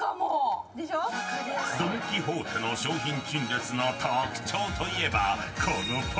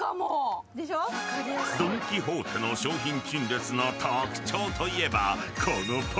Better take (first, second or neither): second